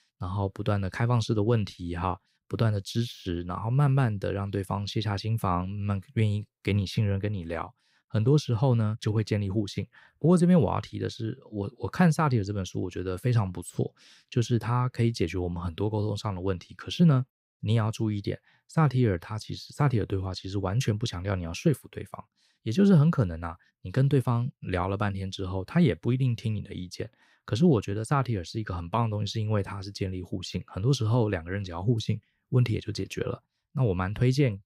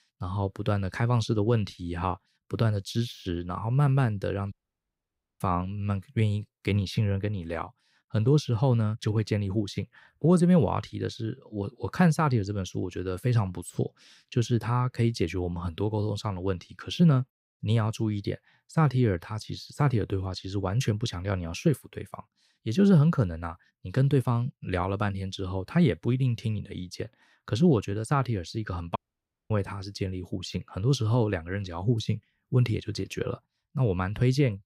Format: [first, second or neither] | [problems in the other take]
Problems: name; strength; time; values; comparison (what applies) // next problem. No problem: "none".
first | audio cutting out; at 4.5 s for 1 s and at 29 s for 0.5 s